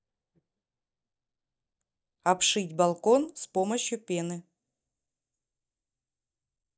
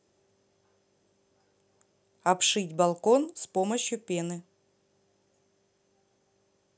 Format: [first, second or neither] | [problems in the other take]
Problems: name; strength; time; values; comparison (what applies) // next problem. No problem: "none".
second | noise reduction (neural mask model DeepFilterNet 3)